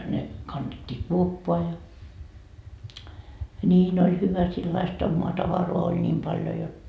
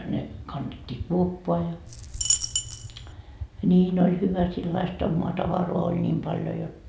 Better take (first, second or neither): first